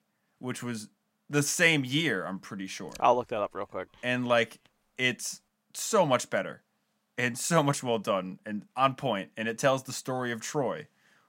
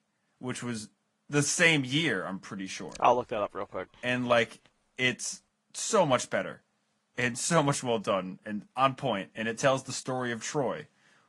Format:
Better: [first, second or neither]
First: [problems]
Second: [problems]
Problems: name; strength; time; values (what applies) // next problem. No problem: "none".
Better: first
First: none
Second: garbled, watery; slightly; nothing above 10.5 kHz